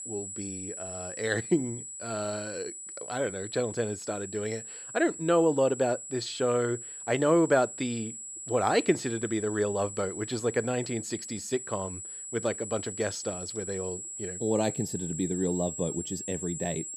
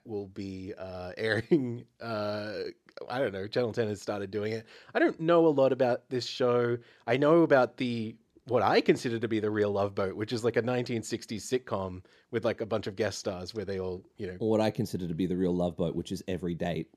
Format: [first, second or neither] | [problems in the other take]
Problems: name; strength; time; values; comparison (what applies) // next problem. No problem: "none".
second | high-pitched whine; loud; throughout; 7.5 kHz, 8 dB below the speech